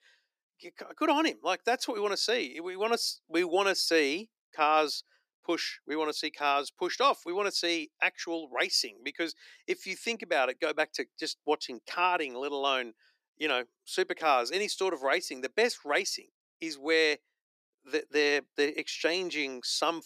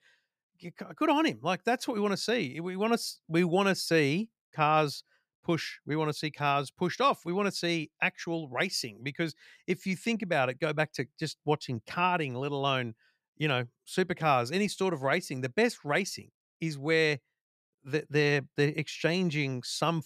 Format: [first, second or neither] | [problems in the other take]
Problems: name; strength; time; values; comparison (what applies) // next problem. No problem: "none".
second | thin; somewhat; fading below 300 Hz